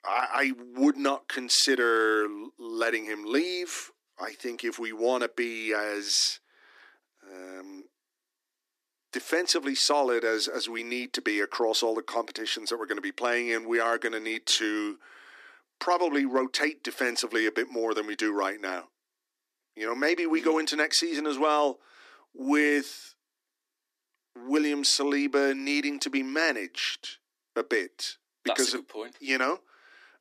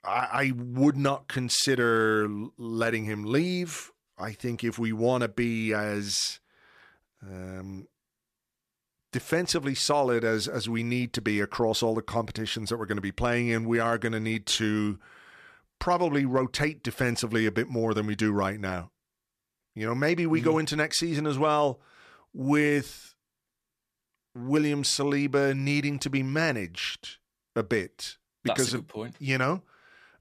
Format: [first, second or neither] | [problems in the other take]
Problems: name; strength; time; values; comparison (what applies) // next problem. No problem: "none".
second | thin; very slightly; fading below 250 Hz